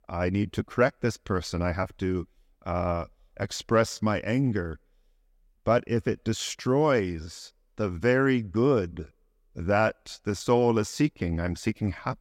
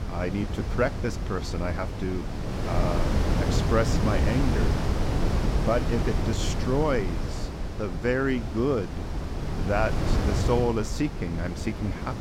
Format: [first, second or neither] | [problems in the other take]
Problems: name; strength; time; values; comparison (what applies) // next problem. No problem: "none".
first | wind noise on the microphone; heavy; 4 dB below the speech